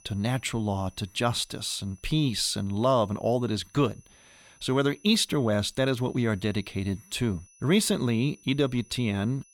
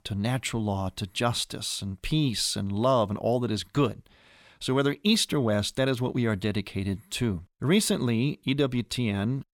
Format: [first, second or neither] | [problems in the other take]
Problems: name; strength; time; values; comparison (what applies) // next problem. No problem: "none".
second | high-pitched whine; faint; throughout; 6 kHz, 30 dB below the speech